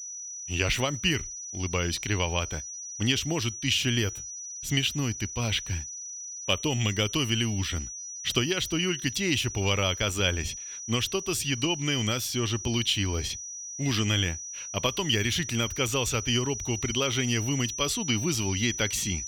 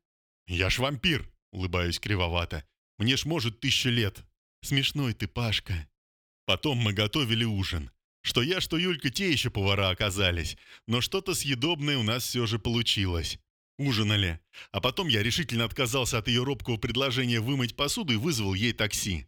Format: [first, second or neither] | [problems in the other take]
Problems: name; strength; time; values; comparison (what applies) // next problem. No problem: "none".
second | high-pitched whine; loud; throughout; 6 kHz, 8 dB below the speech